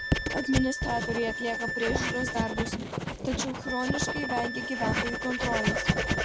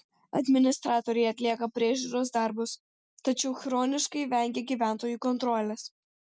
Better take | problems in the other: second | background sound (Wind instrument, woodwind instrument + Writing); 2 dB above the speech

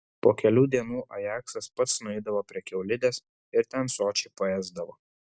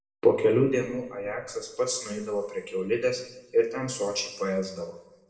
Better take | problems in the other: first | room echo; dies away in 0.9 s

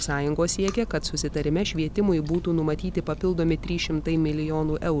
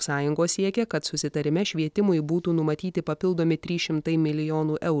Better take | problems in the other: second | background sound (Chewing, mastication); 10 dB below the speech

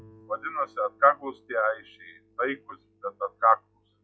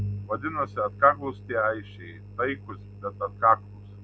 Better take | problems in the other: second | noise reduction (classical method log-MMSE)

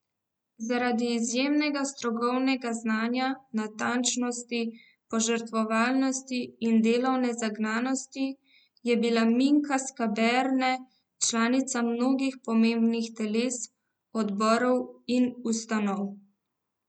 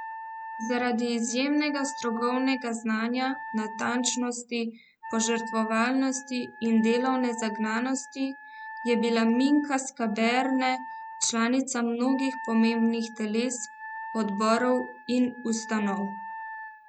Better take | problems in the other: first | background sound (Wind instrument, woodwind instrument); 12 dB below the speech

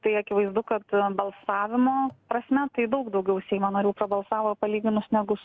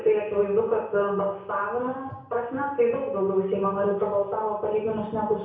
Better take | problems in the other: first | room echo; dies away in 0.6 s

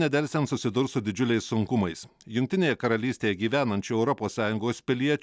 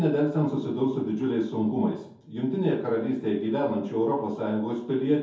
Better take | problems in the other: first | room echo; dies away in 0.6 s

